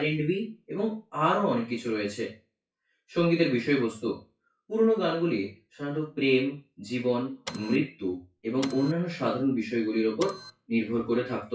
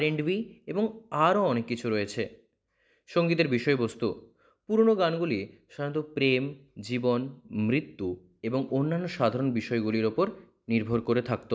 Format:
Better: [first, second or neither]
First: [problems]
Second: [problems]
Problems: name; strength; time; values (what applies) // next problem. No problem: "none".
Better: second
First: noise reduction (classical method WPE with log-MMSE)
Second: none